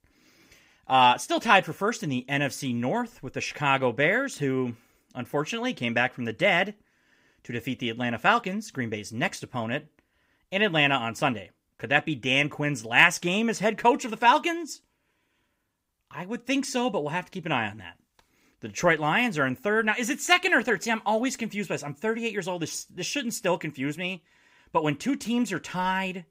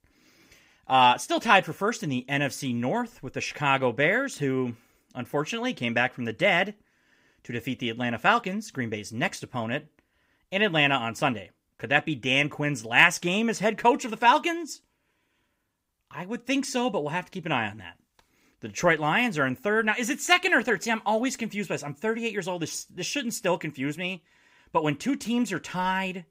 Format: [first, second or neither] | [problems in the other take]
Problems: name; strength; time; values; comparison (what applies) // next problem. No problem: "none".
neither | none